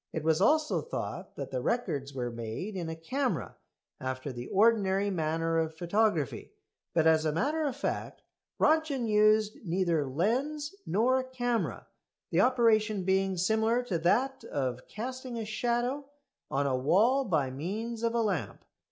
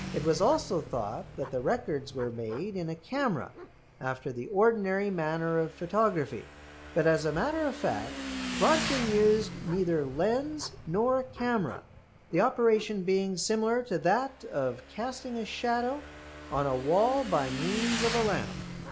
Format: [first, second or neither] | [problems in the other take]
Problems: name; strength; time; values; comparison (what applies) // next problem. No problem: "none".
first | background sound (Motorcycle / Engine); 11 dB below the speech